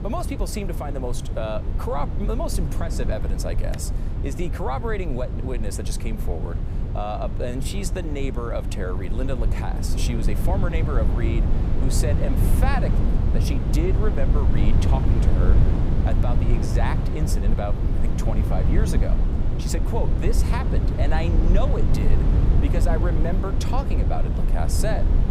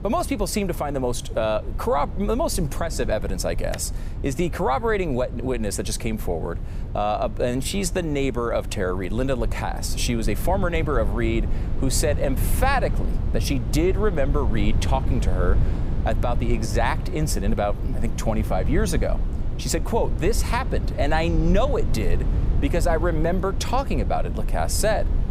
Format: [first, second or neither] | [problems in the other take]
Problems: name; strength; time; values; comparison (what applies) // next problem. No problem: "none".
second | wind noise on the microphone; heavy; 4 dB below the speech; occasional gusts in the second